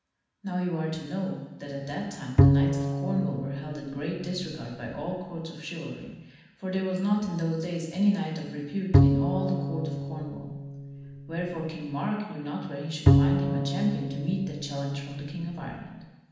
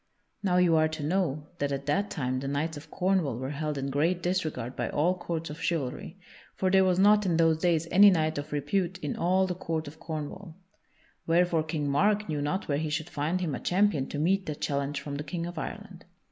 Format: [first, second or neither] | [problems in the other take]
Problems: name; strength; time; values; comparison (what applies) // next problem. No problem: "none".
second | background sound (Bowed string instrument); 5 dB above the speech // room echo; dies away in 1.1 s